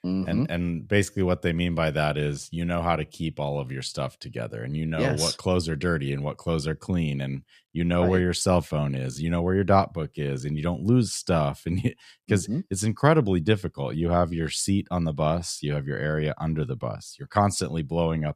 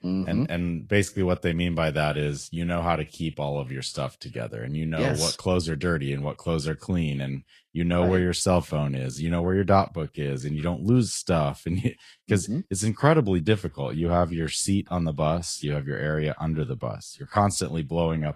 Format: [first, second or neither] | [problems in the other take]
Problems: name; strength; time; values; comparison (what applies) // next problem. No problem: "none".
first | garbled, watery; slightly